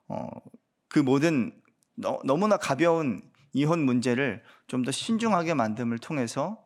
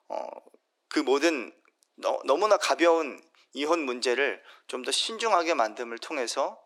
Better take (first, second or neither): first